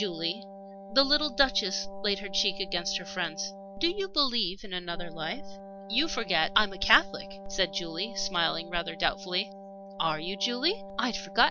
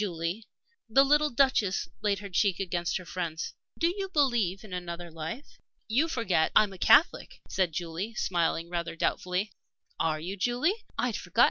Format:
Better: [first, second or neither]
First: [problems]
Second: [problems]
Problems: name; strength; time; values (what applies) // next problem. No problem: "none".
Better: second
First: background sound (Wind instrument, woodwind instrument); 14 dB below the speech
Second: none